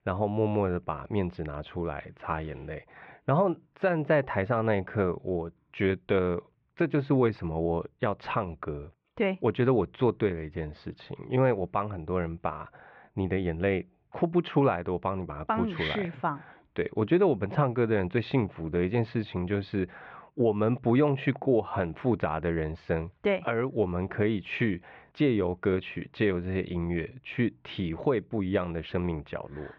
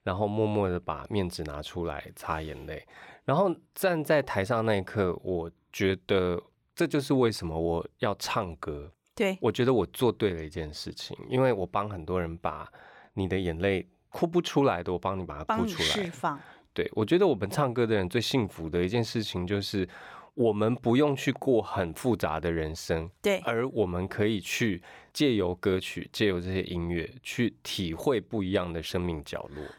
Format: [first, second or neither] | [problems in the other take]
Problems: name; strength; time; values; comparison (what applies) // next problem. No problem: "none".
second | muffled; very; fading above 2.5 kHz